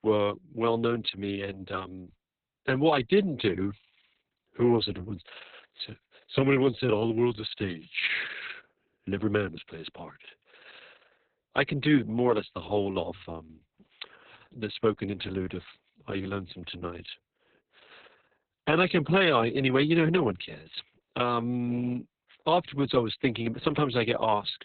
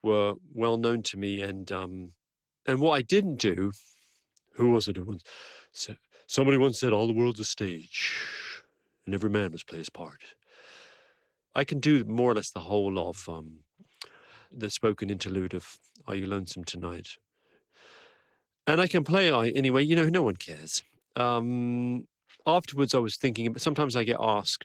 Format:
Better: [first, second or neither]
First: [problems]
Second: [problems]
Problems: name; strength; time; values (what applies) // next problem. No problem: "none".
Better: second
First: garbled, watery; badly; nothing above 4 kHz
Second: garbled, watery; slightly; nothing above 15.5 kHz